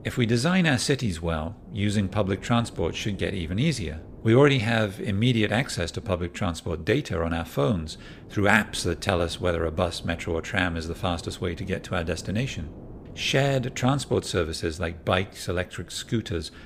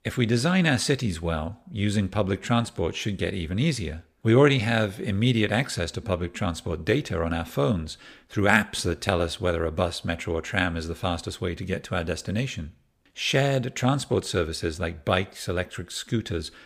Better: second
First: wind noise on the microphone; occasional gusts; 25 dB below the speech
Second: none

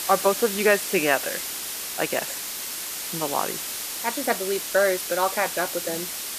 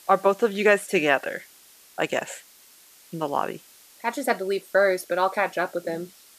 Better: second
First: hiss; loud; throughout; 4 dB below the speech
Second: hiss; faint; throughout; 25 dB below the speech

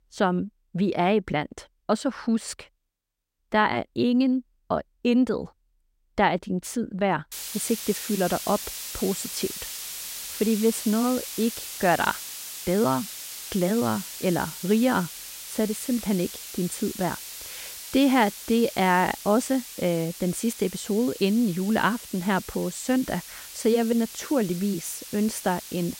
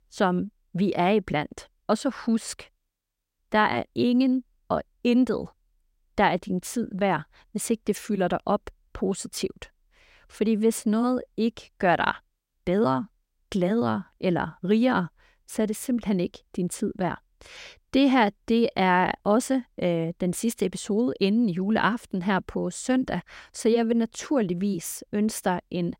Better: second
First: hiss; loud; from 7.5 s on; 10 dB below the speech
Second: none

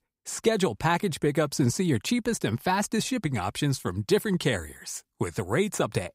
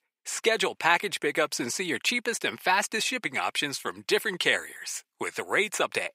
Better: first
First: none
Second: thin; very; fading below 400 Hz

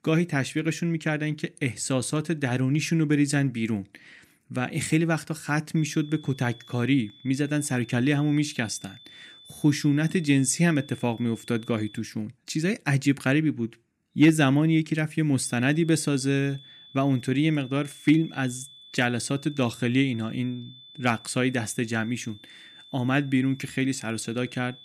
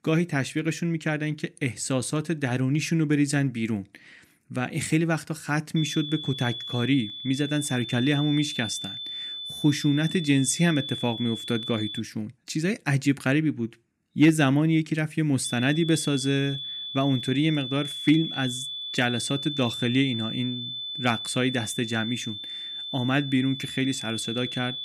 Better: first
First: high-pitched whine; faint; from 6 to 12 s and from 15 s on; 3.5 kHz, 20 dB below the speech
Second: high-pitched whine; loud; from 6 to 12 s and from 15 s on; 3.5 kHz, 7 dB below the speech

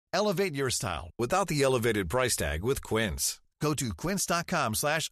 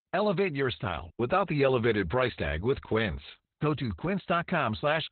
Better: first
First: none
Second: garbled, watery; badly; nothing above 4 kHz

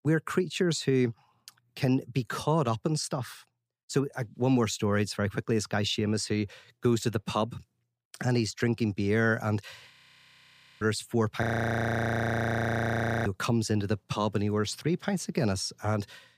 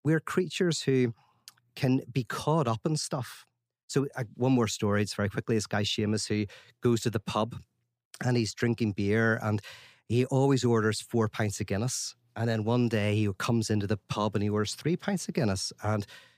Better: second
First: audio freezing; at 10 s for 1 s and at 11 s for 2 s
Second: none

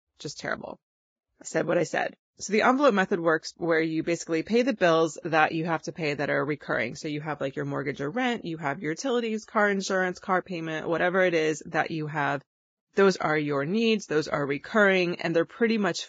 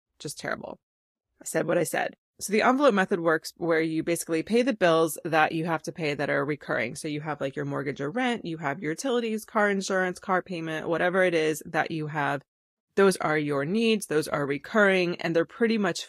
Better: second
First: garbled, watery; badly; nothing above 7.5 kHz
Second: garbled, watery; slightly

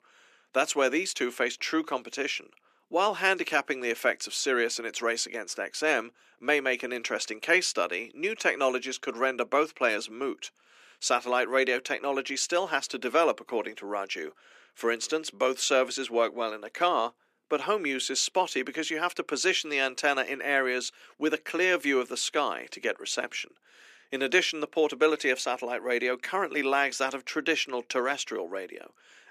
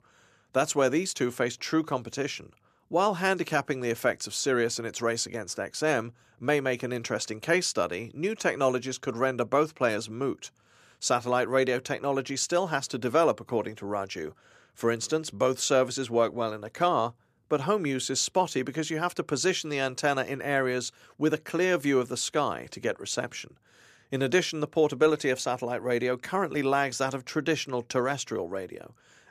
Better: second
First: thin; very slightly; fading below 250 Hz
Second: none

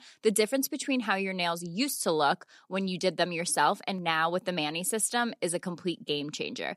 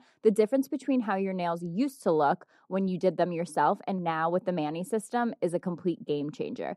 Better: first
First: none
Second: muffled; very; fading above 1.5 kHz

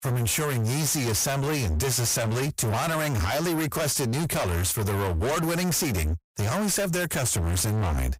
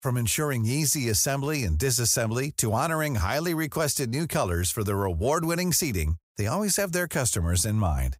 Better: second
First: distortion; heavy; 49% of the sound clipped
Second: none

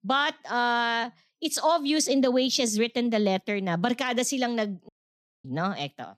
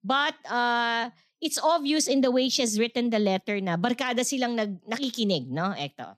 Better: second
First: audio cutting out; at 5 s for 0.5 s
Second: none

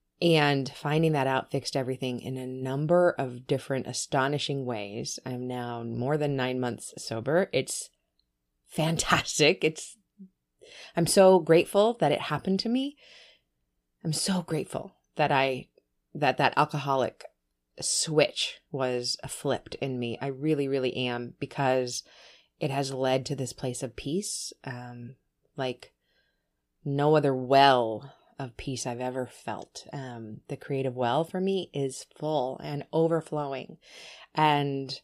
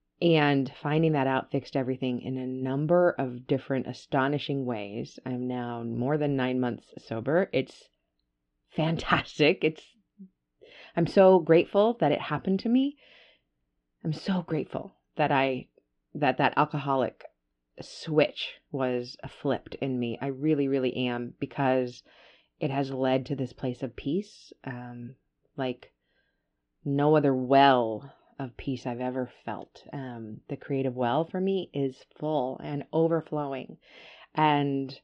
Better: first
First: none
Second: muffled; slightly; fading above 3 kHz

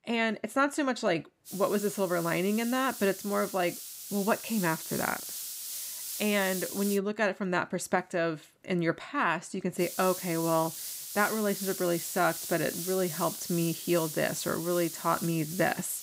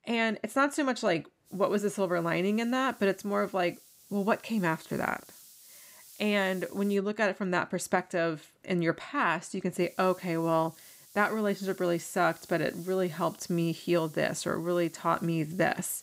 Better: second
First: hiss; loud; from 1.5 to 7 s and from 10 s on; 7 dB below the speech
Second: hiss; faint; from 1.5 to 7 s and from 10 s on; 20 dB below the speech

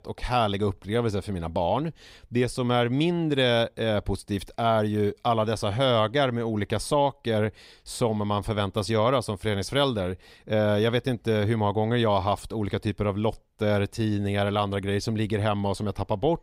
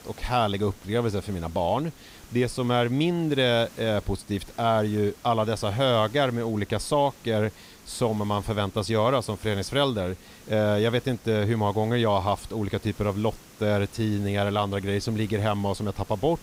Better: first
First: none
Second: hiss; faint; throughout; 20 dB below the speech

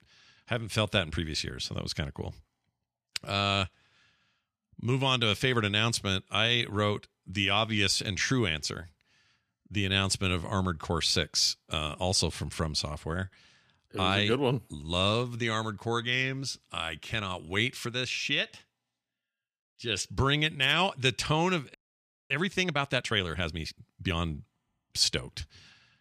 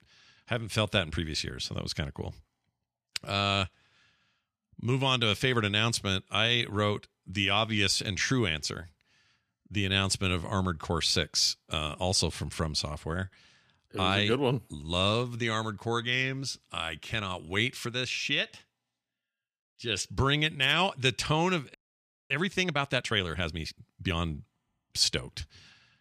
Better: neither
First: audio freezing; at 22 s for 0.5 s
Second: audio freezing; at 22 s for 0.5 s

